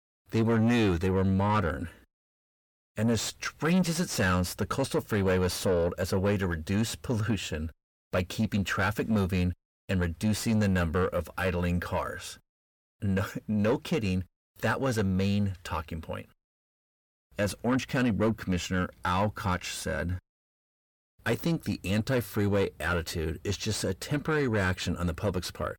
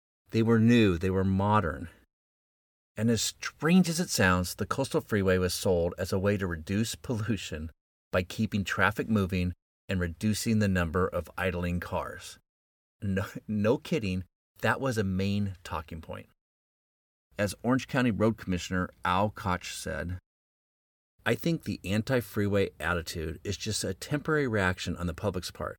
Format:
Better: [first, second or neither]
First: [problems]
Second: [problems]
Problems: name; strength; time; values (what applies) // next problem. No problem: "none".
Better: second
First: distortion; slight; 10 dB below the speech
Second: none